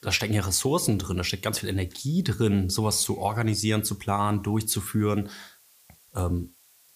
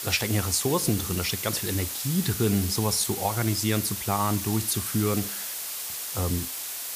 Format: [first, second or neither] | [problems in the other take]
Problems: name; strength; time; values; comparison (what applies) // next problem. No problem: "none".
first | hiss; loud; throughout; 4 dB below the speech; faint in the first